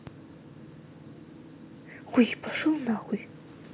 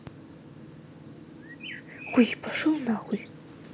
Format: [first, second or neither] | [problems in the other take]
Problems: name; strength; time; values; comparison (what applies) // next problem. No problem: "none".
first | background sound (Bird); 15 dB below the speech